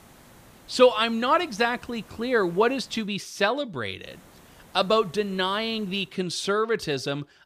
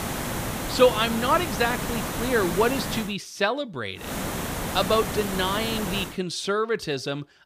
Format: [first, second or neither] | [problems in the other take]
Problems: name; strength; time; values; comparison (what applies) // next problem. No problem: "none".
first | hiss; loud; until 3 s and from 4 to 6 s; 5 dB below the speech; faint in the first